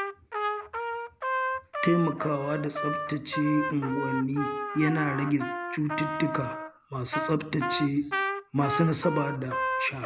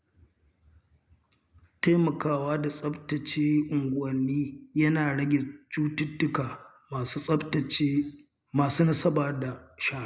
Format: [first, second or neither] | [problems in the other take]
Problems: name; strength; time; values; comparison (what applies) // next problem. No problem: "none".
second | background sound (Trumpet); 3 dB below the speech